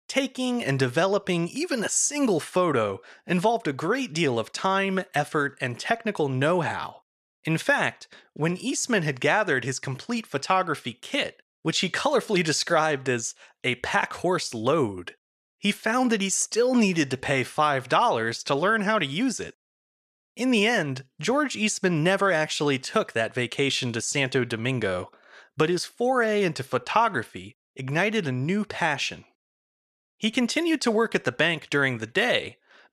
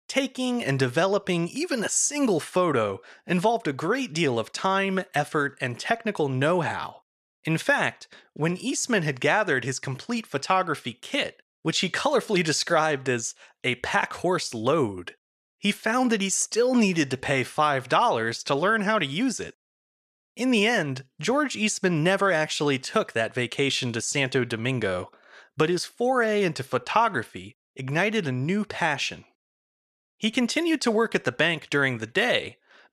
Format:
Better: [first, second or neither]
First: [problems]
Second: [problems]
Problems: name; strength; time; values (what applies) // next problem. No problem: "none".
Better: neither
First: none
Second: none